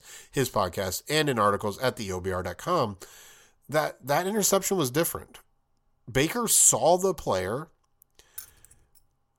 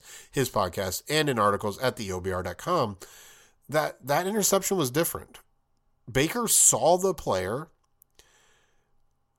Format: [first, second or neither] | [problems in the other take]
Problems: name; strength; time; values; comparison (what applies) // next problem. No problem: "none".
second | jangling keys; faint; at 8.5 s; peak 15 dB below the speech